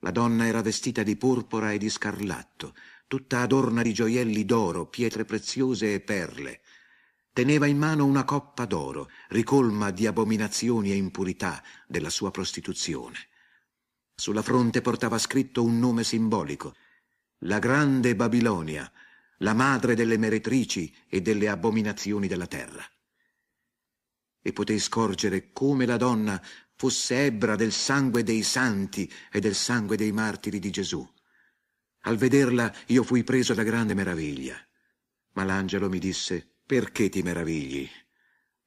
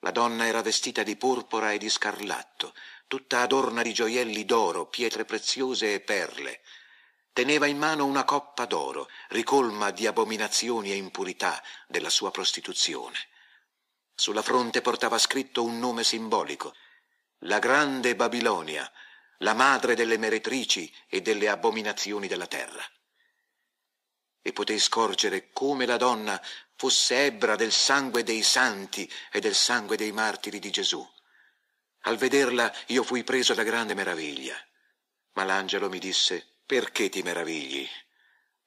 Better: first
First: none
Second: thin; somewhat; fading below 500 Hz

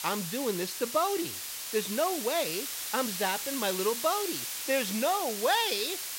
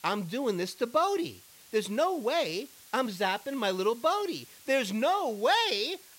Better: second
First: hiss; loud; throughout; 3 dB below the speech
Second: hiss; faint; throughout; 20 dB below the speech

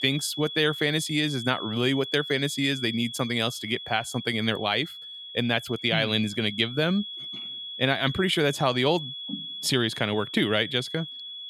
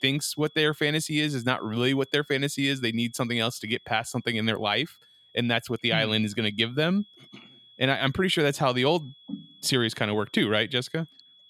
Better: second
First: high-pitched whine; loud; throughout; 3.5 kHz, 9 dB below the speech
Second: high-pitched whine; faint; throughout; 3.5 kHz, 25 dB below the speech

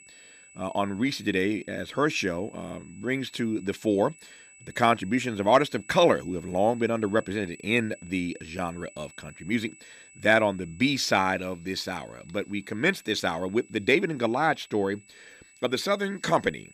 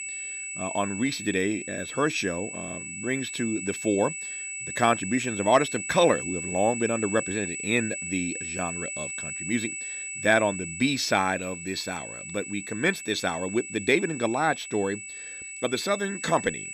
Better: first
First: high-pitched whine; faint; throughout; 8 kHz, 25 dB below the speech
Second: high-pitched whine; loud; throughout; 8 kHz, 6 dB below the speech

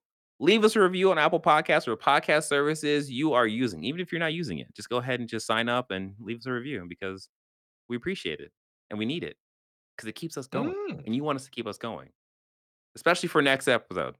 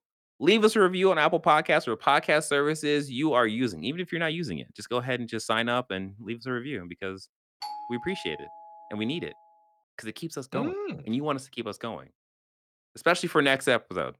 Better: first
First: none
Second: doorbell; faint; from 7.5 to 9 s; peak 10 dB below the speech

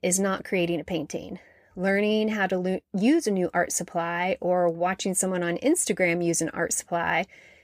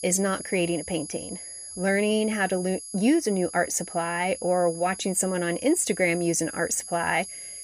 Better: first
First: none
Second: high-pitched whine; noticeable; throughout; 11 kHz, 10 dB below the speech

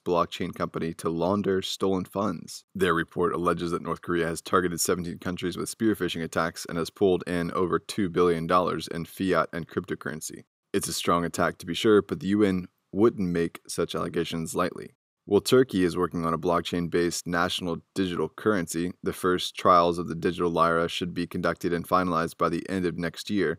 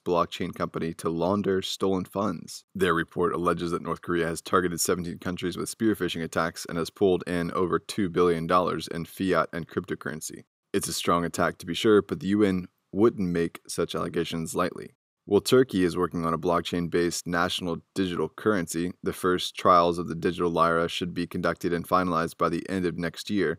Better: neither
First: none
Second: none

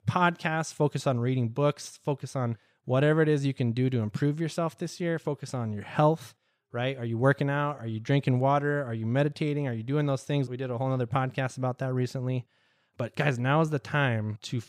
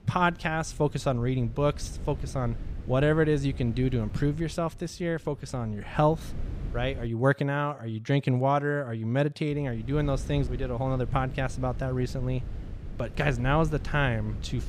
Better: first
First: none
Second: wind noise on the microphone; occasional gusts; until 7 s and from 9.5 s on; 20 dB below the speech

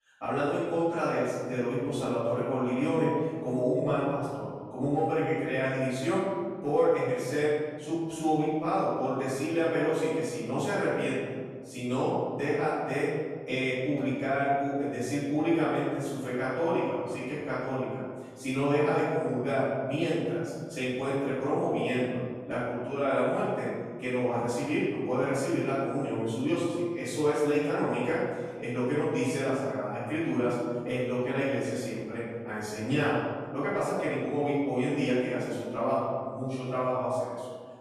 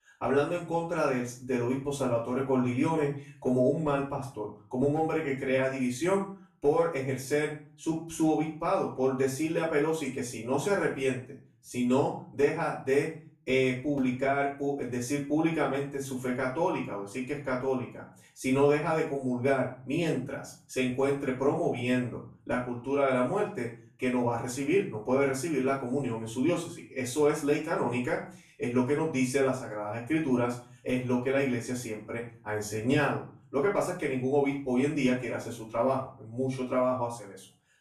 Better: second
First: room echo; strong; dies away in 1.8 s // off-mic speech; far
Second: room echo; slight; dies away in 0.4 s // off-mic speech; far

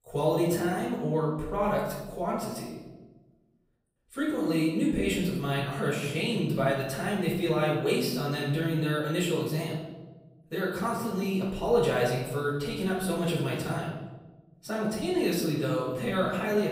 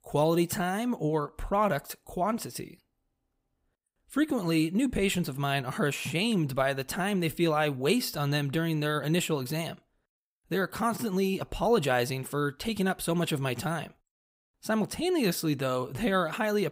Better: second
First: off-mic speech; far // room echo; noticeable; dies away in 1.1 s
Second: none

